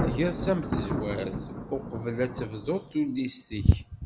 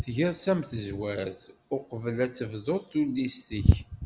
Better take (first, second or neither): second